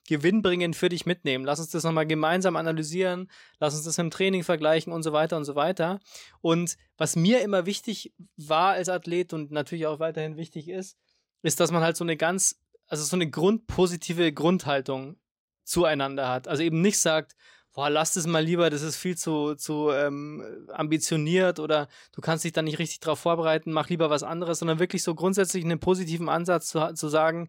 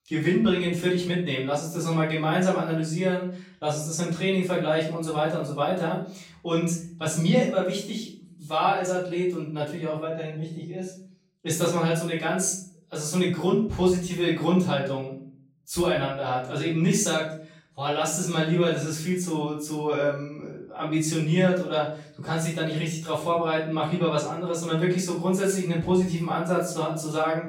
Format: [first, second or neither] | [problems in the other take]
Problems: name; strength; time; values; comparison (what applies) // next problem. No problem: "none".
first | off-mic speech; far // room echo; noticeable; dies away in 0.5 s